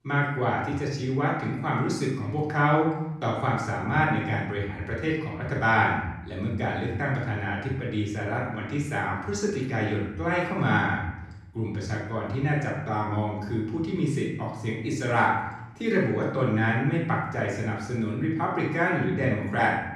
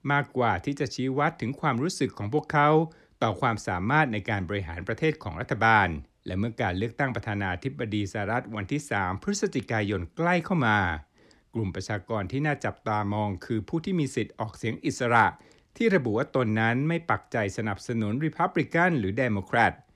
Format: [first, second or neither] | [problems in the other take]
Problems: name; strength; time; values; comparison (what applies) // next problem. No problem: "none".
second | off-mic speech; far // room echo; noticeable; dies away in 0.8 s